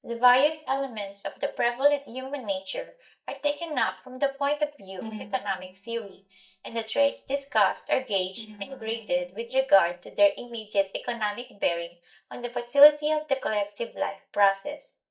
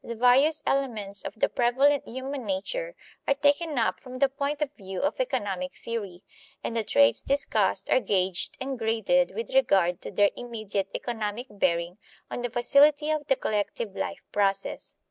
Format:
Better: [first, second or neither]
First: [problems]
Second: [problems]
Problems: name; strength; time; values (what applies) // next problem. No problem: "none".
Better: second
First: noise reduction (neural mask model DeepFilterNet 3)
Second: none